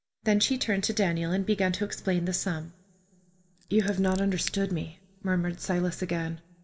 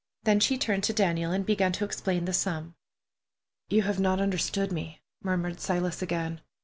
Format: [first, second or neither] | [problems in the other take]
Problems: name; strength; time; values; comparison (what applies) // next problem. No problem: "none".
second | background sound (Scissors); 16 dB below the speech // room echo; dies away in 0.5 s